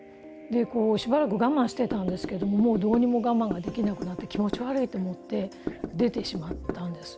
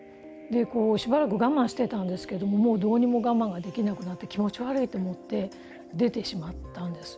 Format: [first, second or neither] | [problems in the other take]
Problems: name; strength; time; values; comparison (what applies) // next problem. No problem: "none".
second | background sound (Knock / Wood); 9 dB below the speech